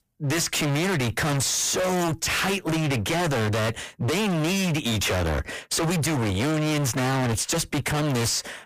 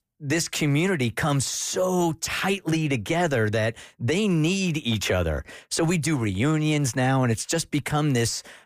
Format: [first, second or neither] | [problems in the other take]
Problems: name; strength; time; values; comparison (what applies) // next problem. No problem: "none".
second | distortion; heavy; 52% of the sound clipped